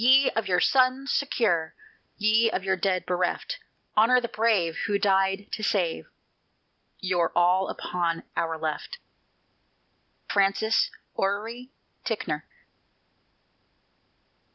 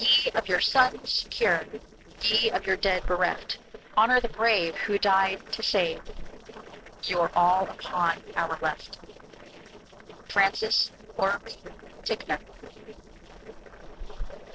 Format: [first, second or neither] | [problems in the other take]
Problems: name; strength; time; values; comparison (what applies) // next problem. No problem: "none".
first | noise reduction (neural separator model SepFormer DNS4)